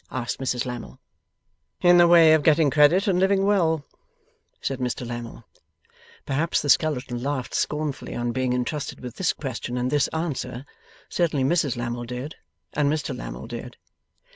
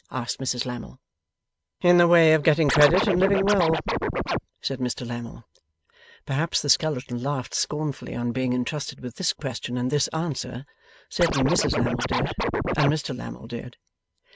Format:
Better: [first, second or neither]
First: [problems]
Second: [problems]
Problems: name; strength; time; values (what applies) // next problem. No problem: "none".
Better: first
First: none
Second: noise reduction (neural mask model RNNoise)